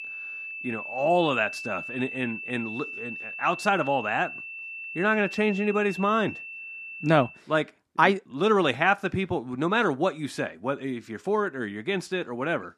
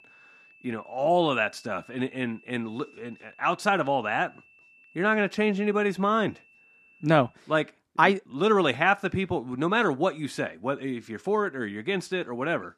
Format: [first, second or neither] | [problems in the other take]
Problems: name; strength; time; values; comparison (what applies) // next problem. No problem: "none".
second | high-pitched whine; loud; until 7.5 s; 2.5 kHz, 9 dB below the speech; faint in the second